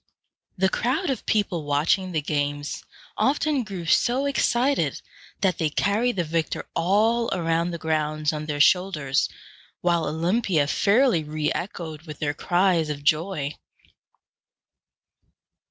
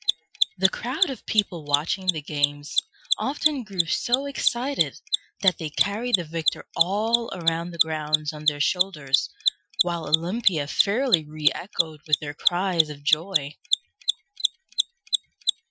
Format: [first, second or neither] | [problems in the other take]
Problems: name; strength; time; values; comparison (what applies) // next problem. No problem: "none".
first | noise reduction (classical method Wiener filter)